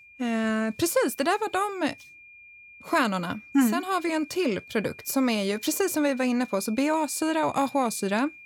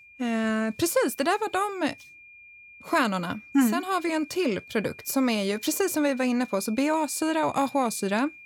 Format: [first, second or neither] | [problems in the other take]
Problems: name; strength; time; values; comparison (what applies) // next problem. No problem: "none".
neither | high-pitched whine; faint; throughout; 2.5 kHz, 20 dB below the speech; the same in both